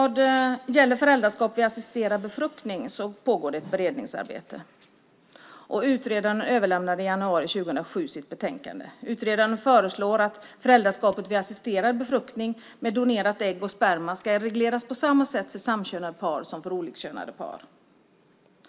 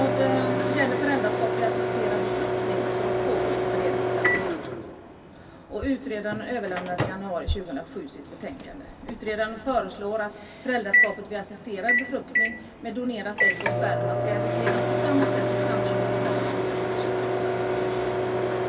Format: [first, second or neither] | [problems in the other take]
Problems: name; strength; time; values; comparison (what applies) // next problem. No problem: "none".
first | background sound (Microwave oven); 5 dB above the speech // room echo; dies away in 2.6 s